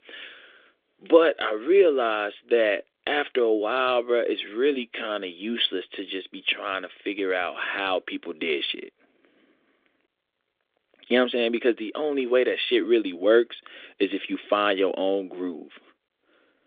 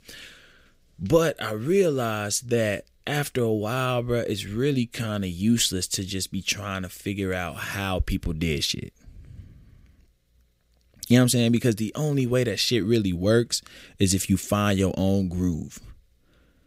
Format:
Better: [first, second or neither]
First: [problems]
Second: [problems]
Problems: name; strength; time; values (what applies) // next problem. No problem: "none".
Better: second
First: phone-call audio; nothing above 3.5 kHz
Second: none